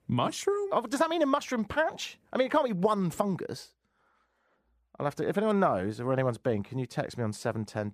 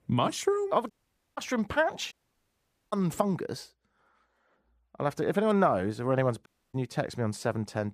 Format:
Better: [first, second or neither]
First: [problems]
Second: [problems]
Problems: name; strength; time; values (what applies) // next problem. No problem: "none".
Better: first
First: none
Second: audio cutting out; at 1 s, at 2 s for 1 s and at 6.5 s